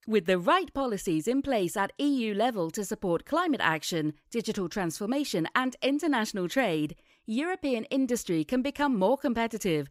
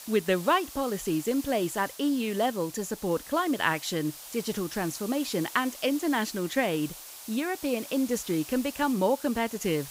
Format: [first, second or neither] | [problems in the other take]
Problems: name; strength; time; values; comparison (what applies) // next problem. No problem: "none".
first | hiss; noticeable; throughout; 15 dB below the speech